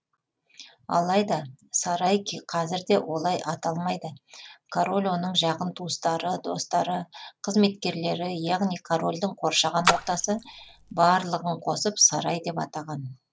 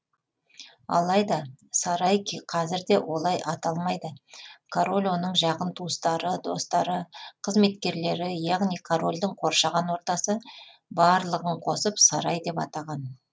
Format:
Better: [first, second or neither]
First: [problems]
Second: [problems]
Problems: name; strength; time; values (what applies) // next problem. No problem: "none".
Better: second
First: background sound (Splash, splatter); 3 dB below the speech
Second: none